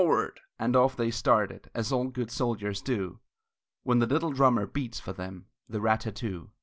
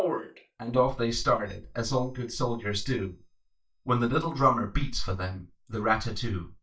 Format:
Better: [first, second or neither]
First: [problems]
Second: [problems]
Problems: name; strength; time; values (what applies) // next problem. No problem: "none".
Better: first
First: none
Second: noise reduction (neural mask model DeepFilterNet 3)